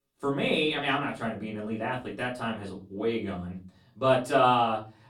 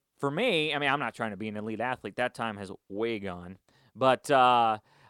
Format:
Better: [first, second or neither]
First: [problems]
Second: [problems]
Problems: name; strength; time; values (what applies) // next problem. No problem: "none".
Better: second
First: off-mic speech; far // room echo; slight; dies away in 0.4 s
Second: none